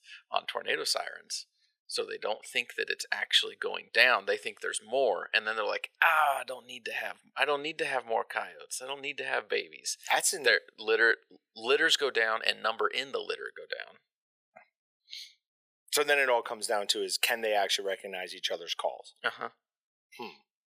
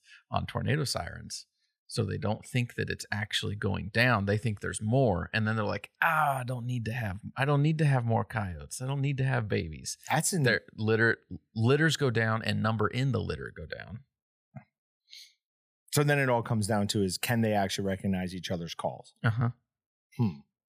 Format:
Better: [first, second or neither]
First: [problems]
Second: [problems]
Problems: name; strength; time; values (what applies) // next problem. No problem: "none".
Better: second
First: thin; very; fading below 450 Hz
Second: none